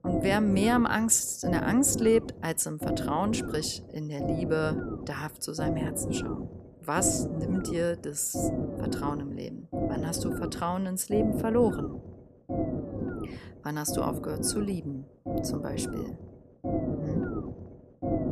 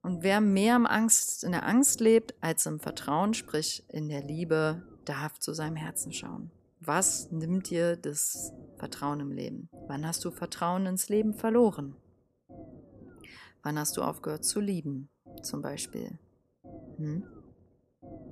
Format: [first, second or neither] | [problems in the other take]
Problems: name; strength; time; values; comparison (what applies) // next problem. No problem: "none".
second | low rumble; loud; throughout; 6 dB below the speech; faint in the second